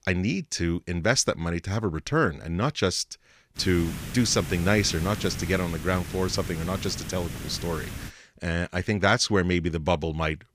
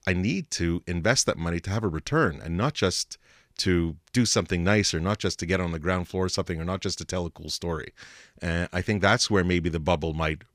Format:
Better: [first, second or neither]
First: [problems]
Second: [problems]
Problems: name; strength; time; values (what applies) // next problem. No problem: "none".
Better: second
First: hiss; noticeable; from 3.5 to 8 s; 10 dB below the speech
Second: none